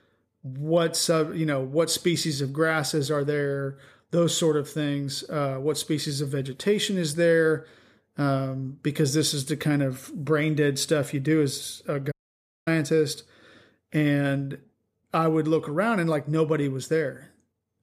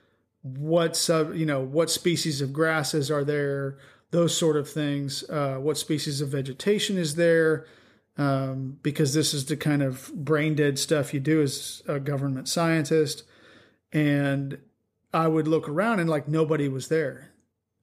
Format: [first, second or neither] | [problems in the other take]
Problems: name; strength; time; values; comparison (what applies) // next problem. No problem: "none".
second | audio cutting out; at 12 s for 0.5 s